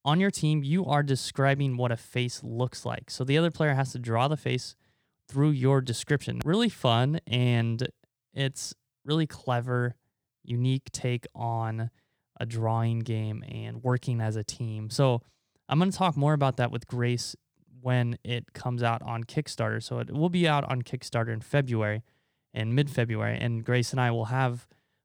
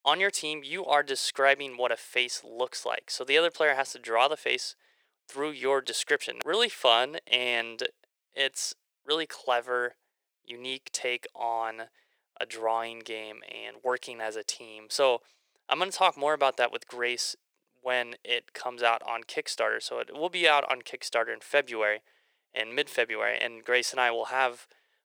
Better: first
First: none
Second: thin; very; fading below 450 Hz

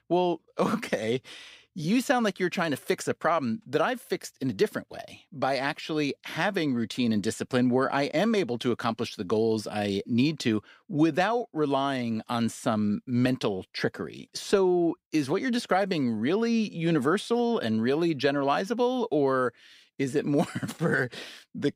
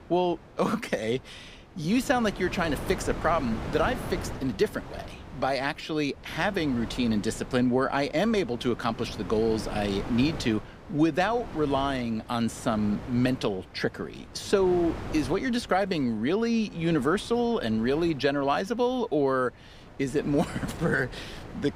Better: first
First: none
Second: wind noise on the microphone; occasional gusts; 15 dB below the speech

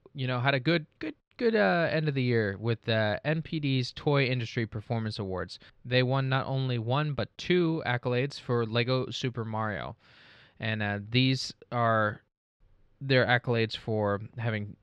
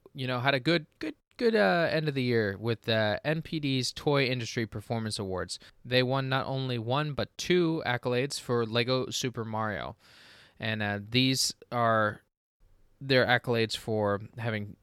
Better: second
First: muffled; very slightly; fading above 3.5 kHz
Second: none

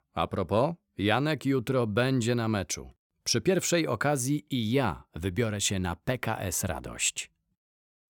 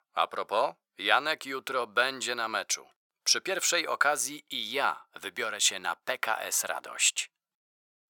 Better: first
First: none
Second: thin; very; fading below 800 Hz

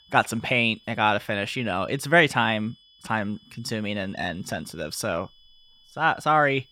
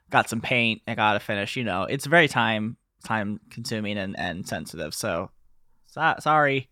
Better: second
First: high-pitched whine; faint; throughout; 3.5 kHz, 30 dB below the speech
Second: none

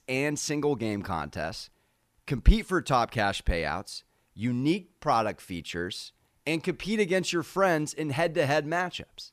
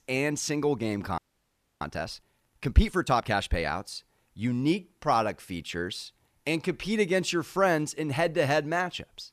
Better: first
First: none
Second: audio freezing; at 1 s for 0.5 s

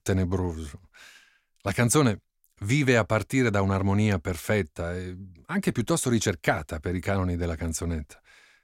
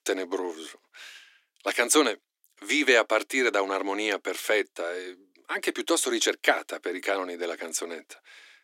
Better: first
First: none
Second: thin; very; fading below 300 Hz

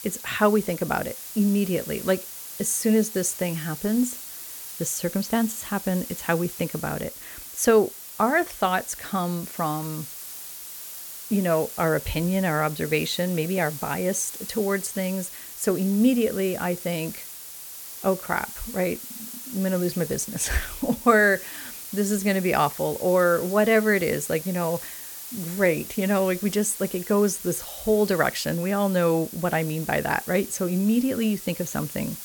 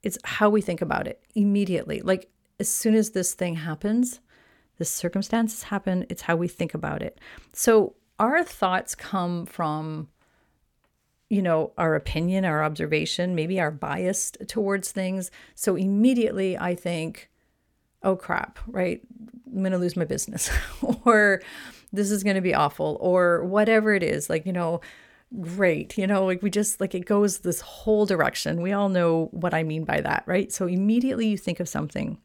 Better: second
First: hiss; noticeable; throughout; 10 dB below the speech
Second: none

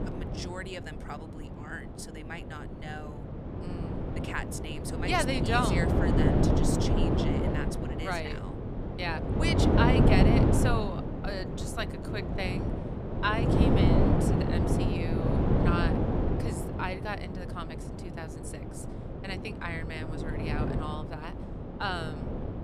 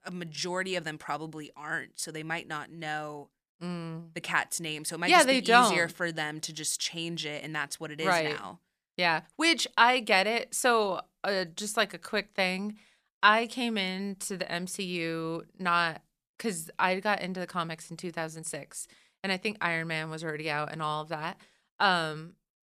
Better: second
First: wind noise on the microphone; heavy; 1 dB above the speech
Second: none

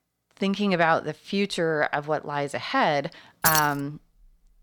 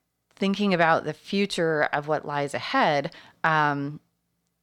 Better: second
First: jangling keys; loud; at 3.5 s; peak 2 dB above the speech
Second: none

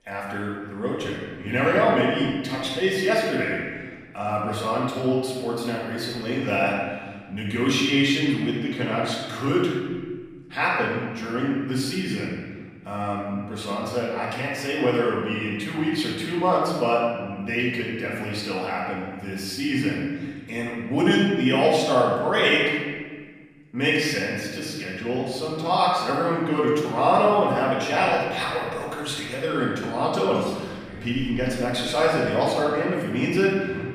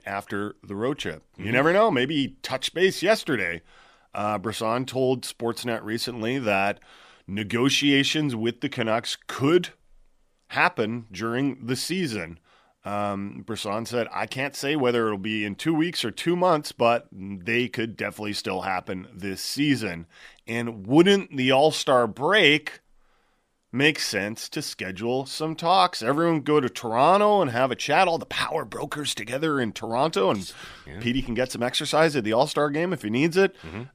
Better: second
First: room echo; noticeable; dies away in 1.5 s // off-mic speech; far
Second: none

